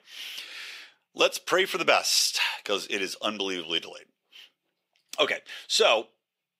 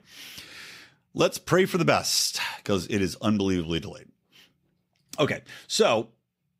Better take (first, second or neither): second